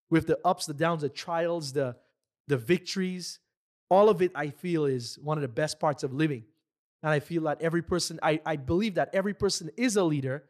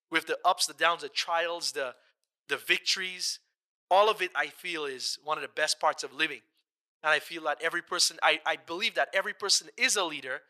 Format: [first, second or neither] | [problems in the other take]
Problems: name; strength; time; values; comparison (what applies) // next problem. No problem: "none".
first | thin; very; fading below 900 Hz